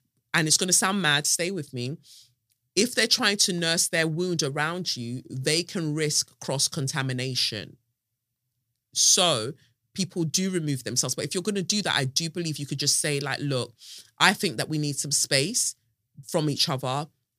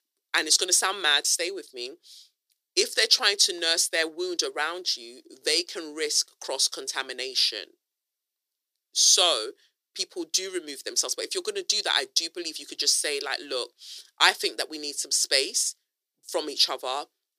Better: first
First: none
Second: thin; very; fading below 350 Hz

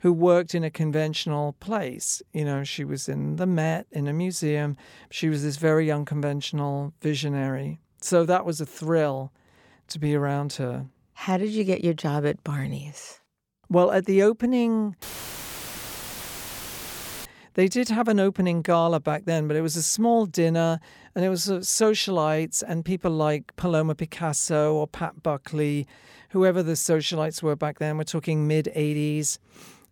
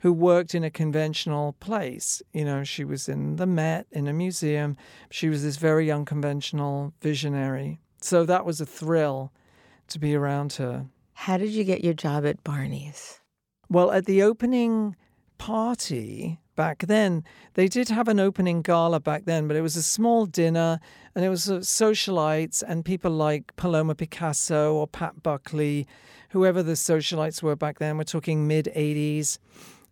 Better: second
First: audio cutting out; filled with static; at 15 s for 2 s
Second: none

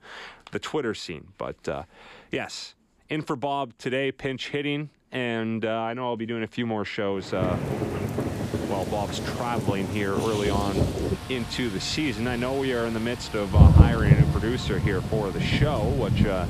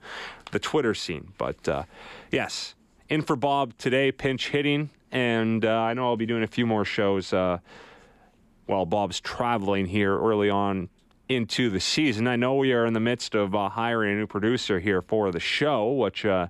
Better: second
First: rain or running water; very loud; from 7.5 s on; 5 dB above the speech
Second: none

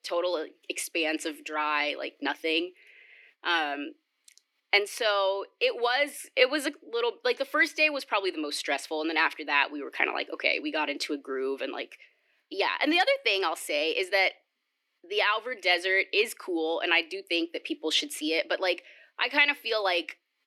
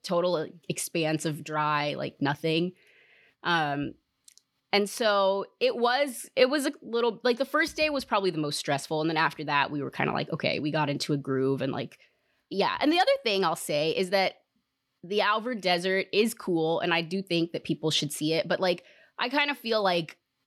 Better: second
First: thin; somewhat; fading below 300 Hz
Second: none

